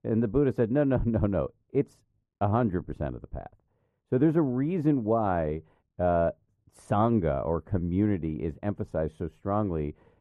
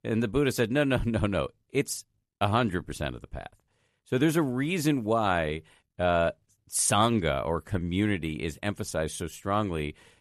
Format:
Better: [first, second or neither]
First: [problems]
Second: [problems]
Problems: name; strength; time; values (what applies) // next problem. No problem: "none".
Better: second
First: muffled; very; fading above 2 kHz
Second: none